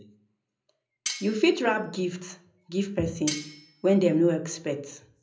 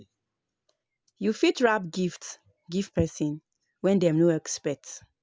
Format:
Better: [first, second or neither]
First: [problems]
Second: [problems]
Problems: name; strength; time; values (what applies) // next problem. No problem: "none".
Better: second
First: background sound (Cutlery, silverware); 10 dB below the speech // room echo; dies away in 0.4 s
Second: none